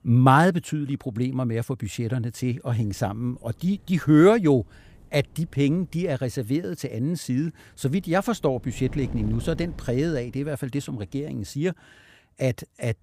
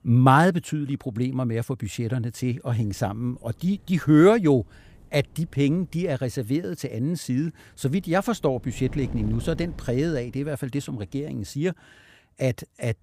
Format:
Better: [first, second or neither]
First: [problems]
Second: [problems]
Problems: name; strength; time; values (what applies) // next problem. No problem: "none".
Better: neither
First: wind noise on the microphone; occasional gusts; from 2.5 to 6 s and from 8 to 11 s; 25 dB below the speech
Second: wind noise on the microphone; occasional gusts; from 2.5 to 6 s and from 8 to 11 s; 25 dB below the speech